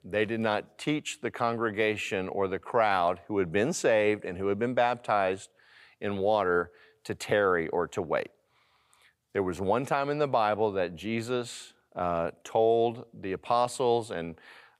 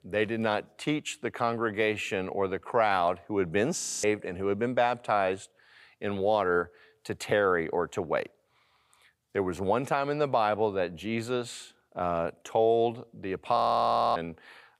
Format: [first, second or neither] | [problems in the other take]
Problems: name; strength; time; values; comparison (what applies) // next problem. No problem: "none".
first | audio freezing; at 4 s and at 14 s for 0.5 s